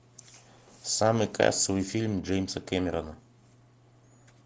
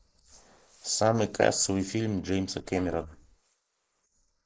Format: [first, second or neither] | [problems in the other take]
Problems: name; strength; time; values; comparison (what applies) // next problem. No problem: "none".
first | noise reduction (neural mask model Resemble Enhance denoiser)